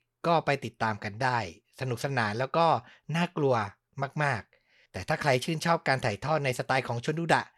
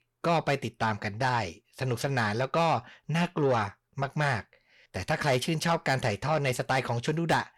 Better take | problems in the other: first | distortion; slight; 10 dB below the speech

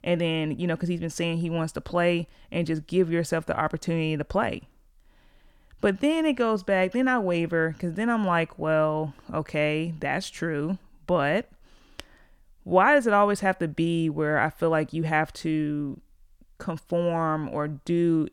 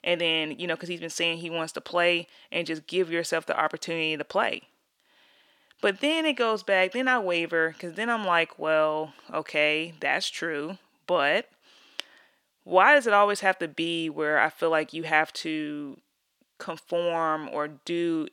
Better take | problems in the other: first | thin; somewhat; fading below 350 Hz

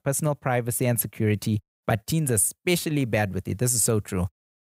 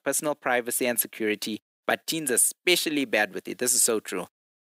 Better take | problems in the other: first | thin; somewhat; fading below 300 Hz

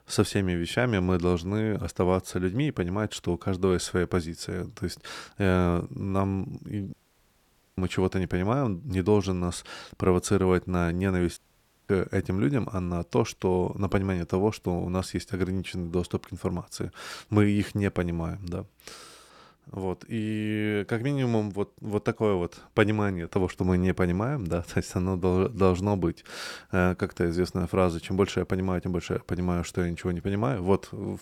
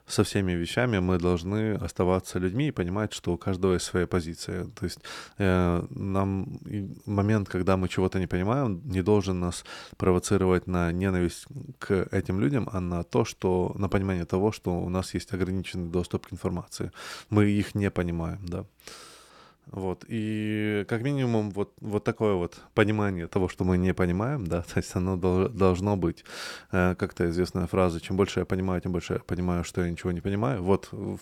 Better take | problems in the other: second | audio cutting out; at 7 s for 1 s and at 11 s for 0.5 s

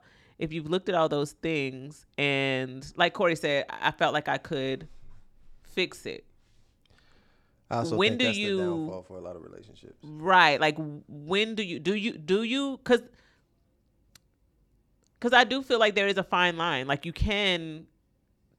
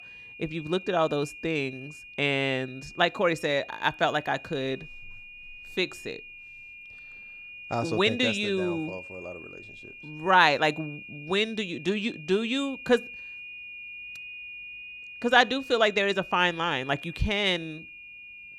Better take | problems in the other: first | high-pitched whine; noticeable; throughout; 2.5 kHz, 15 dB below the speech

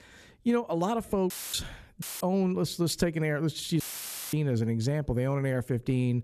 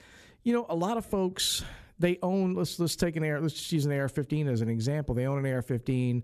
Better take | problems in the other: second | audio cutting out; filled with static; at 1.5 s, at 2 s and at 4 s for 0.5 s

